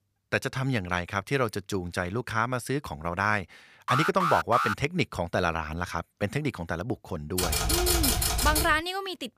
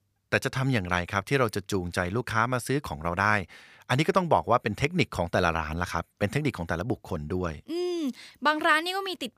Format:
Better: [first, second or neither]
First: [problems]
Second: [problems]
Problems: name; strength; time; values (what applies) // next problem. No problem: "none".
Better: second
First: alarm; loud; at 4 s; peak 2 dB above the speech // keyboard typing; loud; from 7.5 to 9 s; peak 6 dB above the speech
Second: none